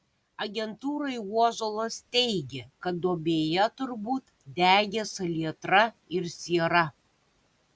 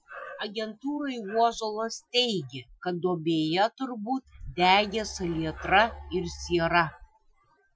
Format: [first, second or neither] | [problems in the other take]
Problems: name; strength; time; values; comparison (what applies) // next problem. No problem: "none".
first | noise reduction (classical method Wiener filter)